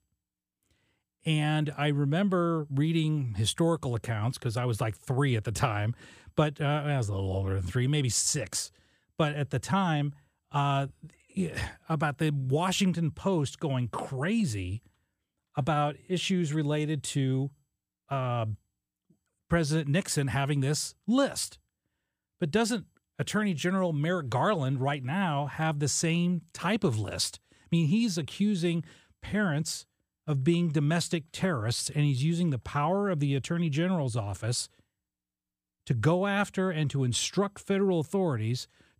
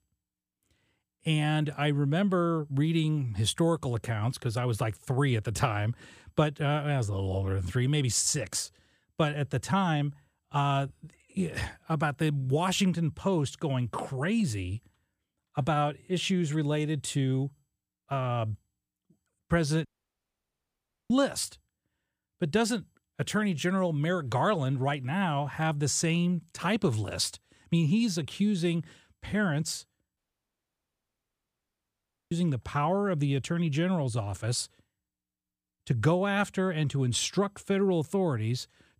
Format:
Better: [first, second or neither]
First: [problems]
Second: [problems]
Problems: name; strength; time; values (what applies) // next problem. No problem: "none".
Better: first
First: none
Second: audio cutting out; at 20 s for 1.5 s and at 30 s for 2 s